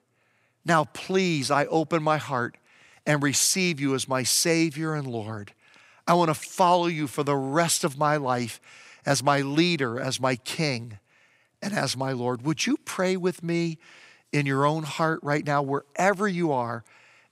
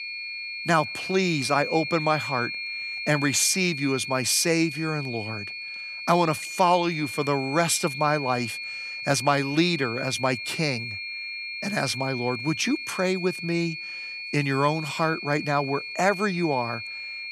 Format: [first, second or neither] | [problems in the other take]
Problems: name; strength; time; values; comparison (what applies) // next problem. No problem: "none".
first | high-pitched whine; loud; throughout; 2.5 kHz, 7 dB below the speech